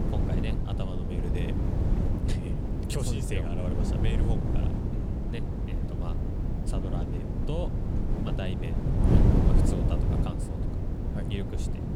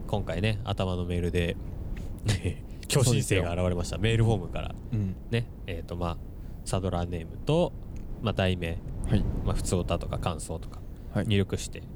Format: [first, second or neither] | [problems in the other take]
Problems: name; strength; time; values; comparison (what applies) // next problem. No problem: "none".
second | wind noise on the microphone; heavy; 3 dB above the speech; occasional gusts in the second